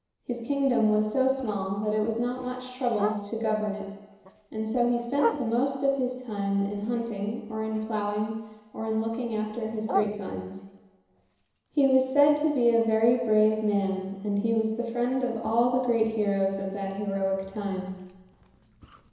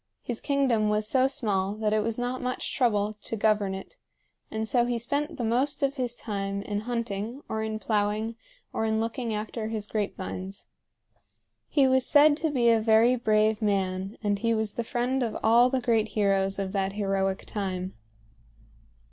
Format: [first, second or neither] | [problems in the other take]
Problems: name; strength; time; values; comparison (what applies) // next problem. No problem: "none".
second | background sound (Bark); 15 dB below the speech // room echo; dies away in 1 s